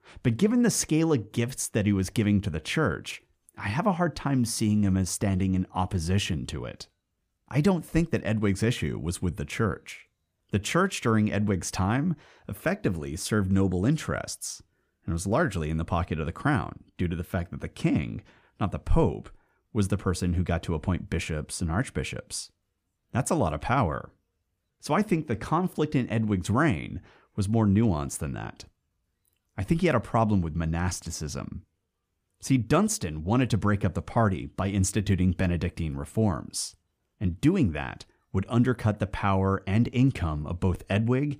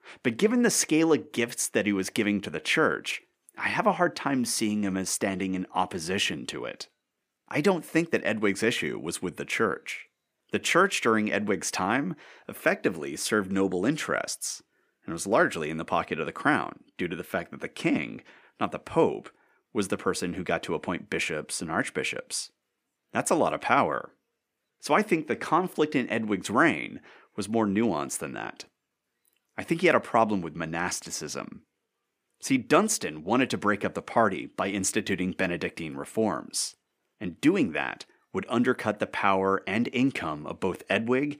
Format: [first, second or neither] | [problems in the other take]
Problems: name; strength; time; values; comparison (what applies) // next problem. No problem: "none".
first | thin; somewhat; fading below 350 Hz